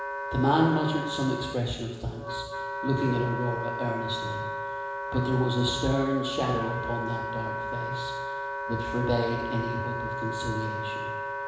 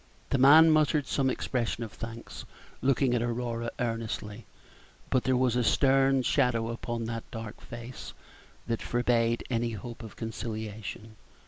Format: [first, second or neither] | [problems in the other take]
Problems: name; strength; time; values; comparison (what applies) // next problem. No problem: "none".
second | background sound (Wind instrument, woodwind instrument); 4 dB below the speech // room echo; dies away in 1 s